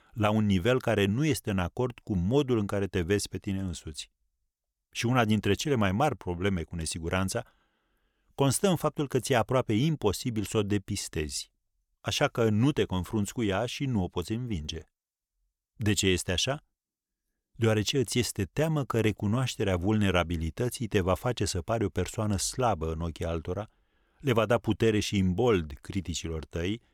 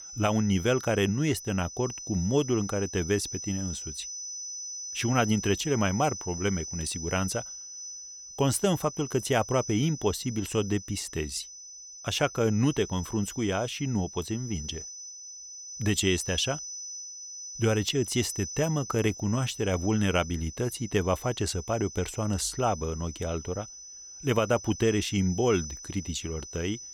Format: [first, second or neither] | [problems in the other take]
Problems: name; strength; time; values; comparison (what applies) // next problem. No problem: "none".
first | high-pitched whine; loud; throughout; 6 kHz, 10 dB below the speech